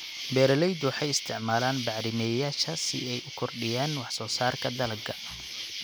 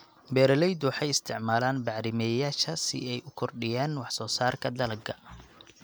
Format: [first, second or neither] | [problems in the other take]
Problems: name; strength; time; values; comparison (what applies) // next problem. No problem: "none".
second | background sound (Insect); 9 dB below the speech